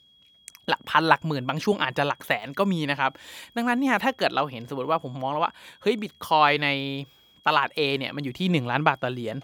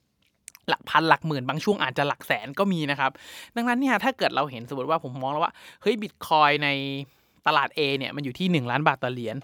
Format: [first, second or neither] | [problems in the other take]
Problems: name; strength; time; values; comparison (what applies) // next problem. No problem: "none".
second | high-pitched whine; faint; throughout; 3.5 kHz, 30 dB below the speech